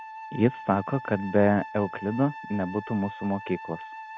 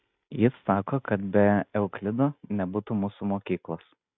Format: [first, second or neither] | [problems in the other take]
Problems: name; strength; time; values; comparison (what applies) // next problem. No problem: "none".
second | background sound (Wind instrument, woodwind instrument); 13 dB below the speech